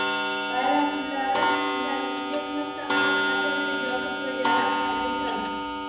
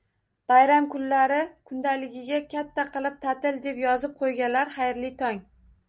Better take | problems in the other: second | background sound (Clock); 4 dB above the speech // room echo; dies away in 1.1 s

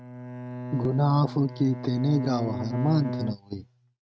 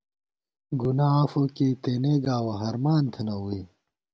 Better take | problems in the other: second | noise reduction (neural mask model RNNoise)

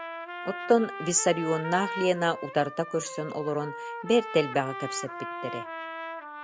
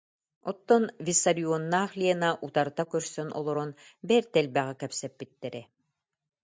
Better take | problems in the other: second | background sound (Trumpet); 9 dB below the speech

